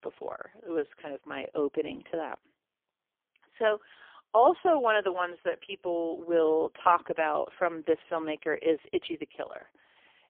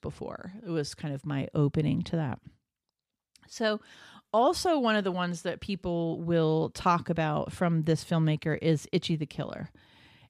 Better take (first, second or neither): second